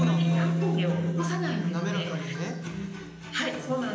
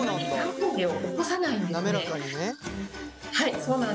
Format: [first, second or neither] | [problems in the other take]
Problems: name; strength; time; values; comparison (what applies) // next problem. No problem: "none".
second | background sound (Bass guitar); 3 dB above the speech // room echo; dies away in 0.9 s